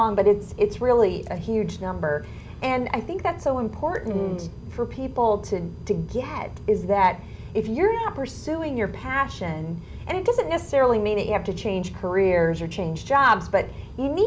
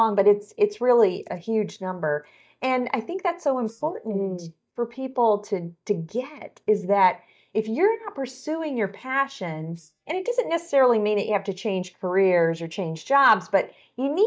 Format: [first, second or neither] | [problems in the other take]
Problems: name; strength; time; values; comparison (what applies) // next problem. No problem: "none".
first | noise reduction (neural mask model DeepFilterNet 3)